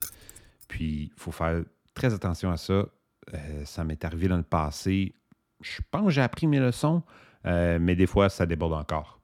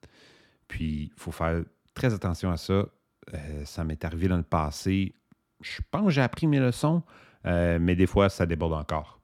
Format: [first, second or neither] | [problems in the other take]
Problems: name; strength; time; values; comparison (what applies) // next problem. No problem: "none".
second | jangling keys; noticeable; at the start; peak 8 dB below the speech